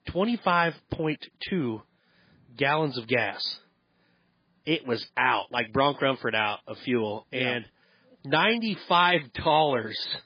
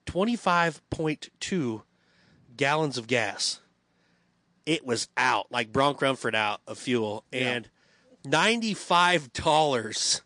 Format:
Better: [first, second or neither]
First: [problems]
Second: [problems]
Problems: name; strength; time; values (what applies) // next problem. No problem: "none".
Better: second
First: garbled, watery; badly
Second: garbled, watery; slightly; nothing above 8.5 kHz